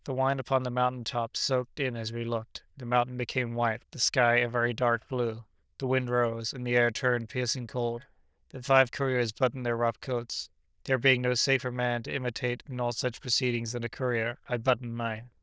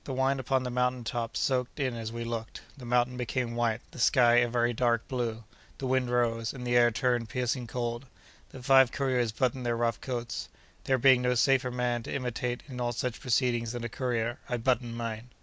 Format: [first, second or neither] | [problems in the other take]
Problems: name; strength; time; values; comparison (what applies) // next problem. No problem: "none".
second | noise reduction (neural diffusion model UNIVERSE++)